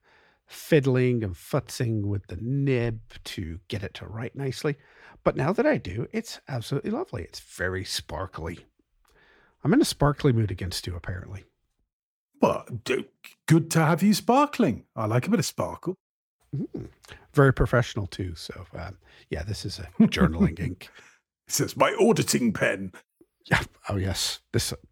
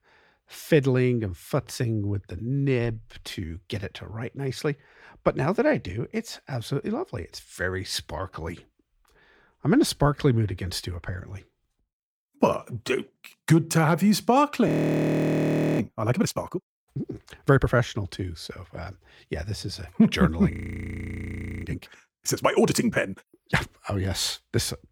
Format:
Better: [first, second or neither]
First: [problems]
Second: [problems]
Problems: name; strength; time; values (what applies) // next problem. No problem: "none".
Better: first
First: none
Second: audio freezing; at 15 s for 1 s and at 21 s for 1 s